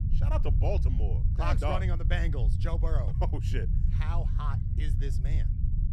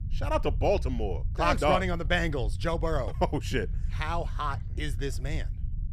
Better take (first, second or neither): second